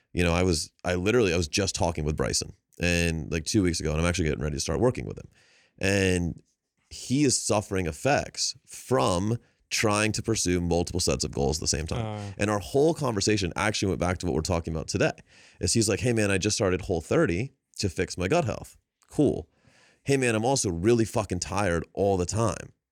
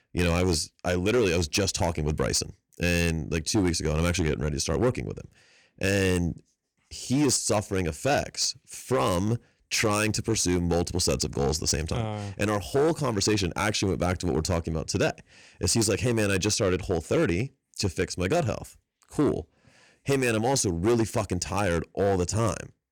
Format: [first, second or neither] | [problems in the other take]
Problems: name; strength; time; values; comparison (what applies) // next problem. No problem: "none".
first | distortion; slight; 6% of the sound clipped